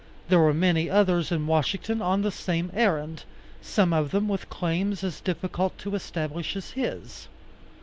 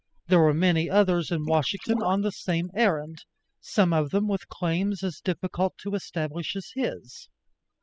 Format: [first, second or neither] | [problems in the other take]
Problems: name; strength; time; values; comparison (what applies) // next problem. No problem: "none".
first | noise reduction (classical method spectral subtraction)